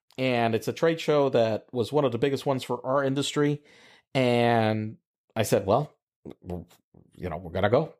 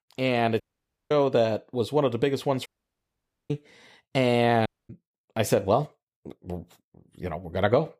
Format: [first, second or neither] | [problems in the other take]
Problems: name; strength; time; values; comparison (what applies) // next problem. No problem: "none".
first | audio cutting out; at 0.5 s for 0.5 s, at 2.5 s for 1 s and at 4.5 s